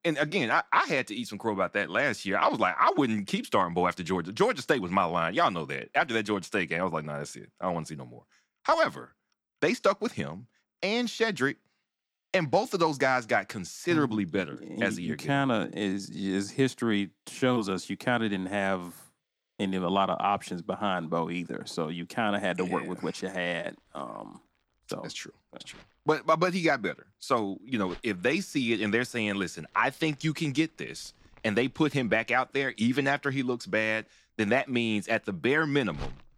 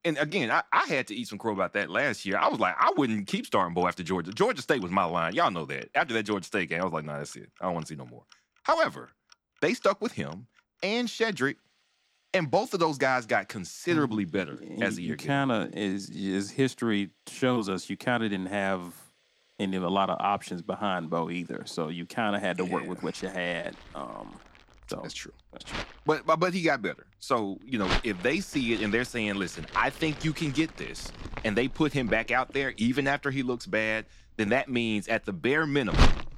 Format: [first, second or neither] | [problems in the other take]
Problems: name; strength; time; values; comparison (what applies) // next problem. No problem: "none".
first | household noises; loud; throughout; 8 dB below the speech; faint in the first